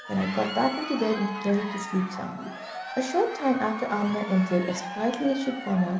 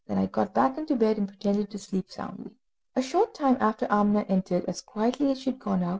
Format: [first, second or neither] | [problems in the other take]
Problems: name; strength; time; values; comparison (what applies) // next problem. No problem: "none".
second | background sound (Crowd); 10 dB below the speech // room echo; dies away in 0.8 s